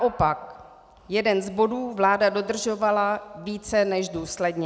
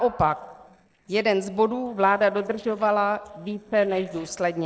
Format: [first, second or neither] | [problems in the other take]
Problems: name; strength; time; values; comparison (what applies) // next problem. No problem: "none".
first | noise reduction (neural separator model SepFormer DNS4)